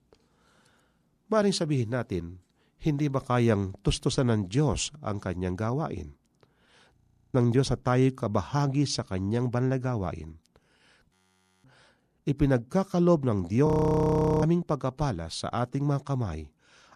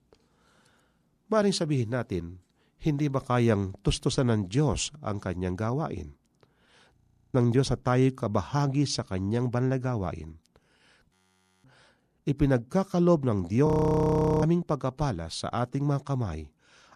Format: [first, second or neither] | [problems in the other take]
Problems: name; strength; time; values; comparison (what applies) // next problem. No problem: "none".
neither | audio freezing; at 7 s, at 11 s for 0.5 s and at 14 s for 1 s; the same in both